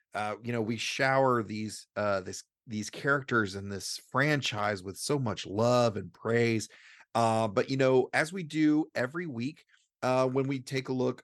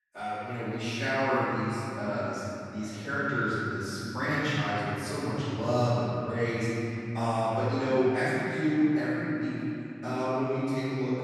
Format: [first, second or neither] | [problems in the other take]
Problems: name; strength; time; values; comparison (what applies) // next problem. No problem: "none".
first | off-mic speech; far // room echo; strong; dies away in 3 s